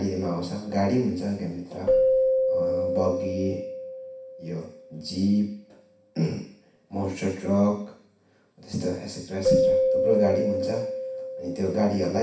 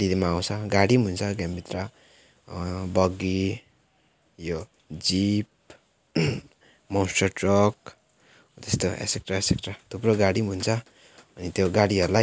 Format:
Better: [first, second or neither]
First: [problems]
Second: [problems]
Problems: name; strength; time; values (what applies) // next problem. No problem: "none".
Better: second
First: background sound (Keyboard (musical)); as loud as the speech // room echo; dies away in 0.6 s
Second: none